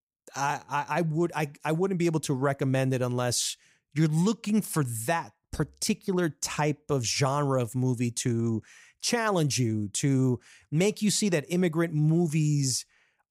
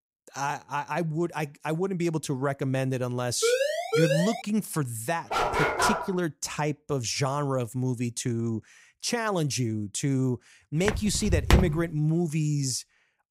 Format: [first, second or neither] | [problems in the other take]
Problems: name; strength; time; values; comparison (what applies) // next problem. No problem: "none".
first | siren; loud; at 3.5 s; peak 4 dB above the speech // dog barking; loud; at 5.5 s; peak 4 dB above the speech // footsteps; loud; at 11 s; peak 6 dB above the speech